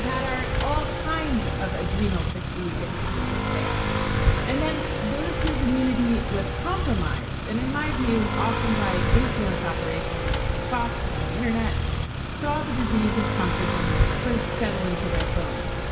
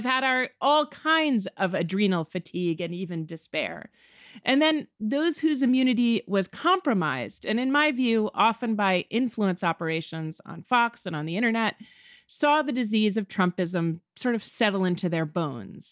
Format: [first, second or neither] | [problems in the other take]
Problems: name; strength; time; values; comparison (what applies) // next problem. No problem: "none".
second | background sound (Motorcycle / Accelerating, revving, vroom); 4 dB above the speech // room echo; dies away in 2.2 s